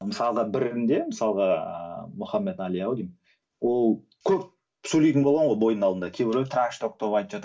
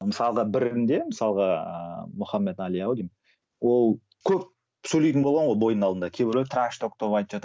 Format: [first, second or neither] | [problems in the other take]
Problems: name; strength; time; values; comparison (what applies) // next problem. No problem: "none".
second | room echo; dies away in 0.2 s